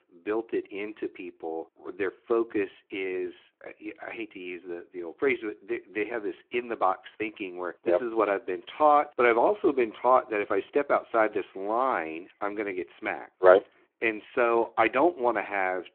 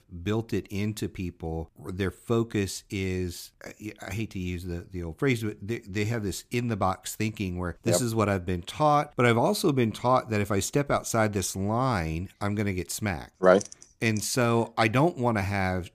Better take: second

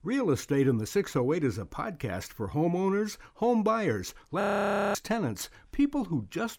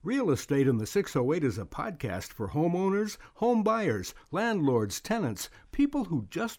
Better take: second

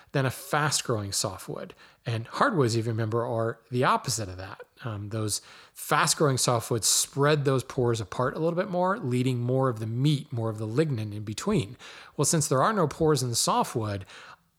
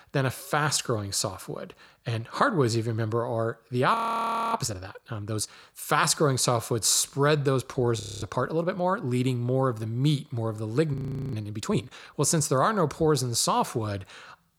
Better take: first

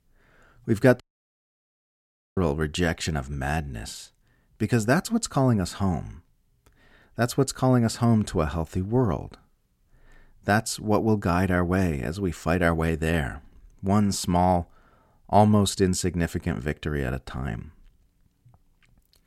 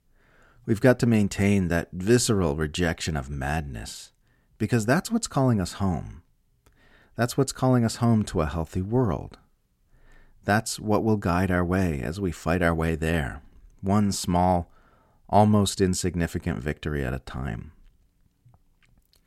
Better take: second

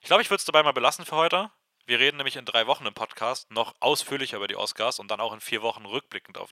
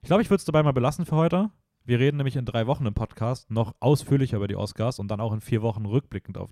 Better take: second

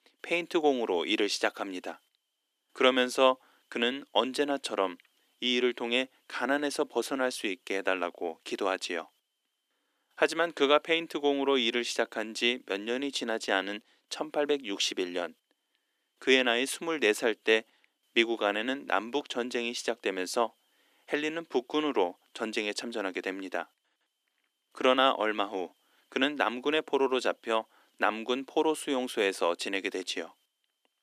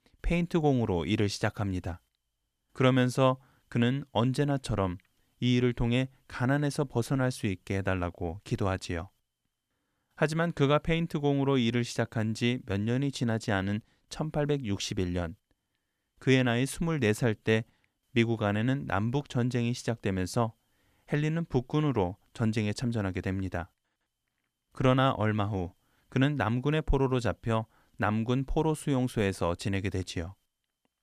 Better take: second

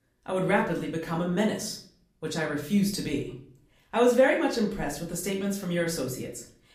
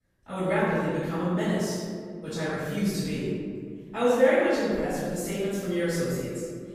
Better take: first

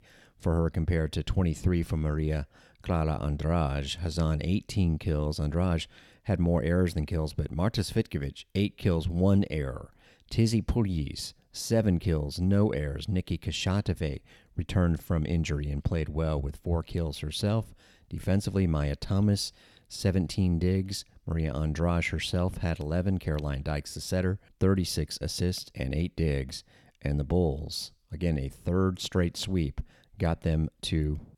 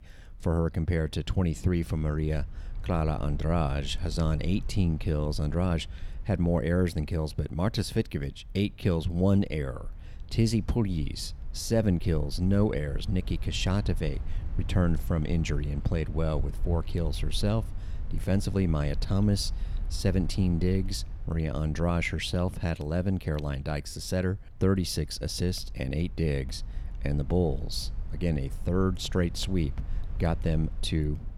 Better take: first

